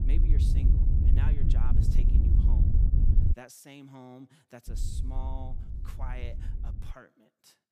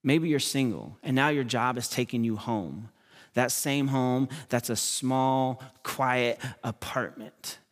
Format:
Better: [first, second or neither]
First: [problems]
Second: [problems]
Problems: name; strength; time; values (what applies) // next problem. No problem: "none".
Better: second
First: wind noise on the microphone; heavy; until 3.5 s and from 4.5 to 7 s; 3 dB above the speech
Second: none